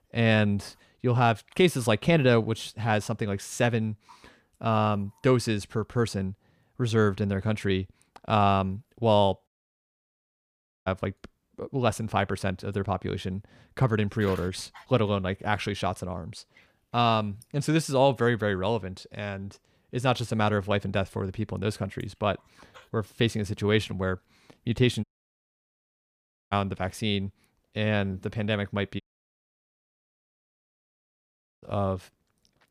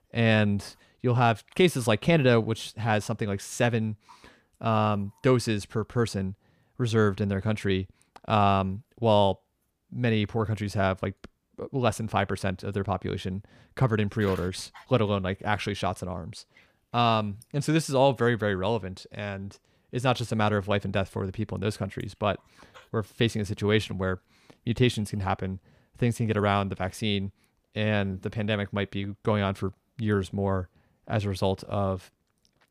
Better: second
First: audio cutting out; at 9.5 s for 1.5 s, at 25 s for 1.5 s and at 29 s for 2.5 s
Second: none

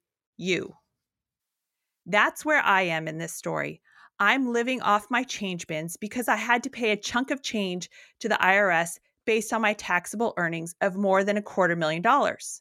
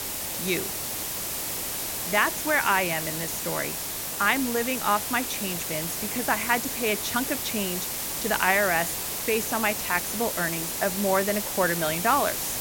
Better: first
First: none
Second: hiss; loud; throughout; 2 dB below the speech

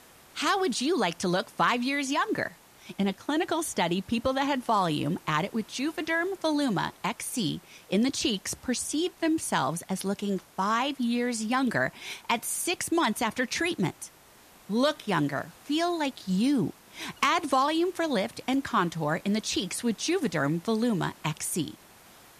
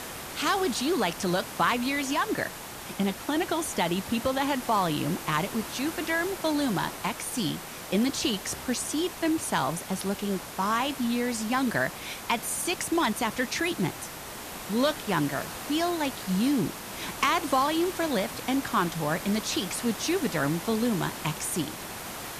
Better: first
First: hiss; faint; throughout; 25 dB below the speech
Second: hiss; loud; throughout; 9 dB below the speech

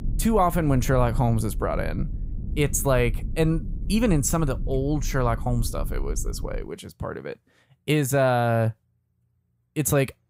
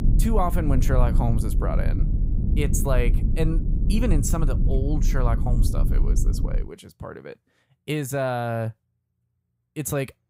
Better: first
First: low rumble; faint; until 6.5 s; 20 dB below the speech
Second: low rumble; loud; until 6.5 s; 9 dB below the speech

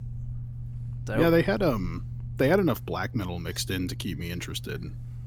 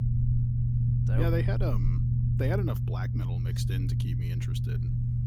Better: first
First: low rumble; faint; throughout; 25 dB below the speech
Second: low rumble; loud; throughout; 2 dB below the speech

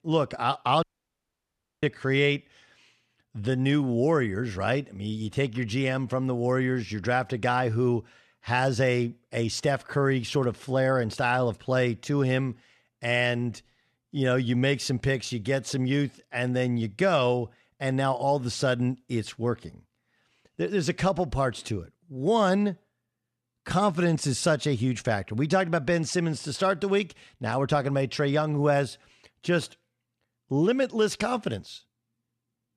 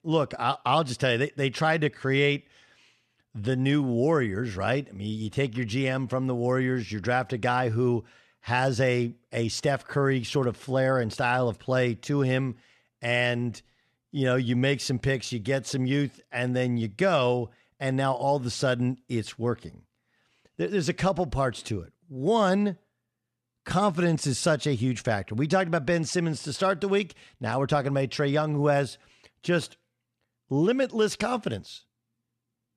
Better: second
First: audio cutting out; at 1 s for 1 s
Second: none

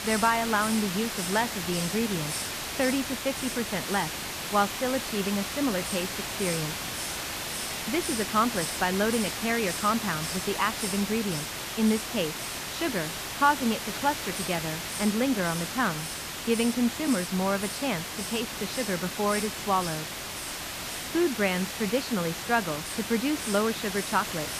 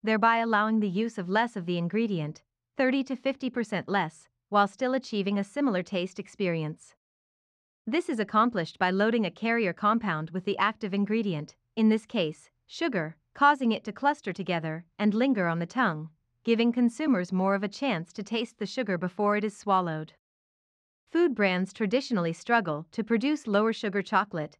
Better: second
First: hiss; loud; throughout; 3 dB below the speech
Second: none

